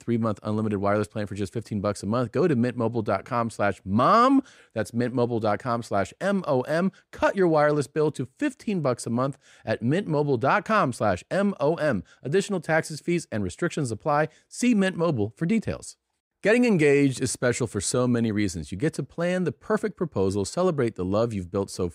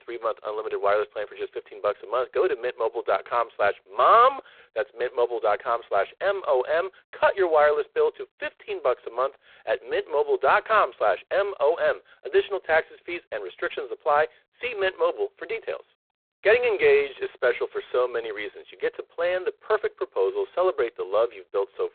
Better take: first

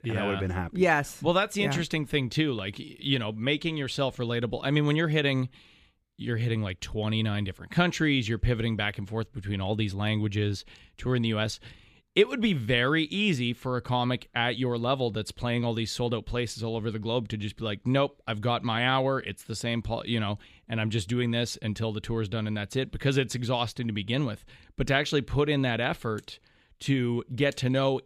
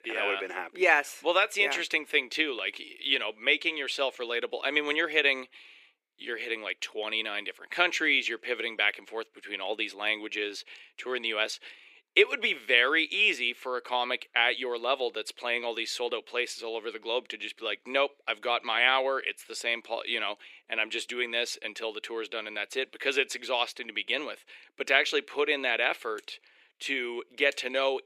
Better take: first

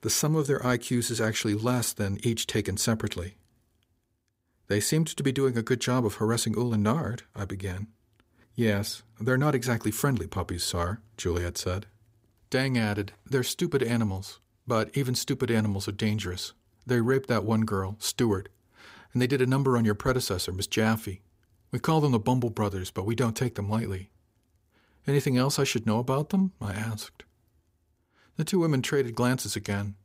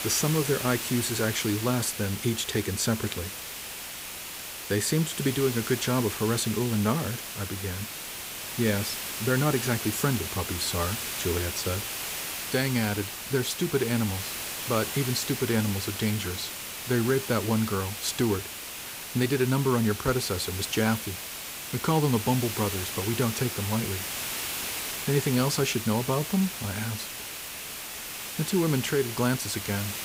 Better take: first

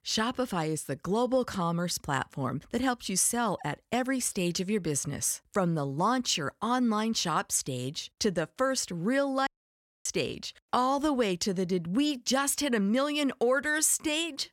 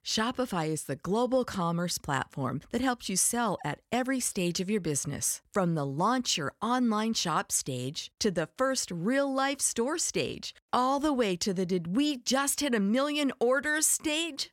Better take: second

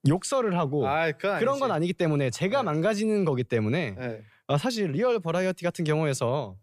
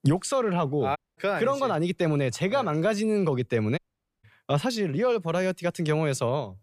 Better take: first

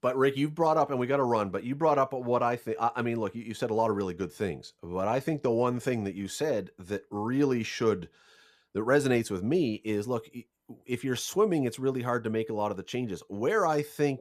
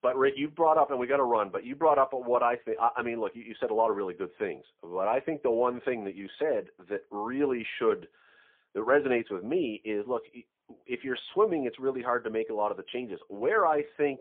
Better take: first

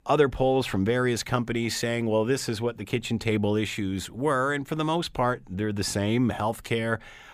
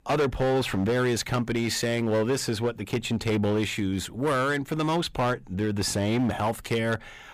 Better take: first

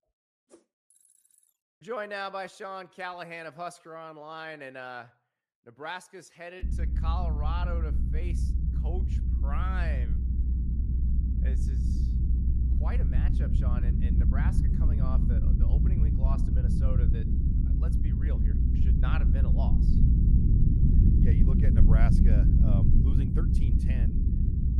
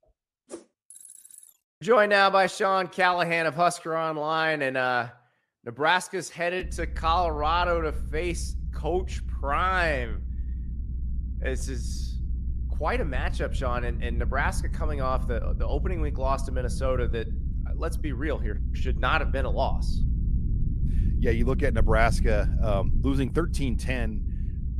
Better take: second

